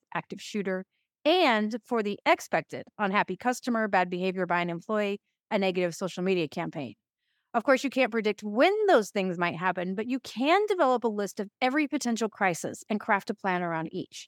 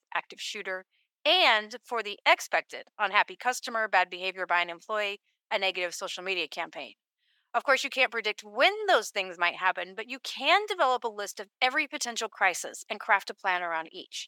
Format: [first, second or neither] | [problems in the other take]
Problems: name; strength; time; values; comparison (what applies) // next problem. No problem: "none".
first | thin; very; fading below 750 Hz